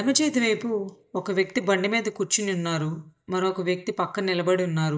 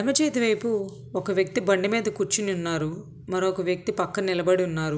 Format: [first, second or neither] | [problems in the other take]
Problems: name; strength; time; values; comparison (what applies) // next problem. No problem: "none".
second | noise reduction (neural mask model DeepFilterNet 3)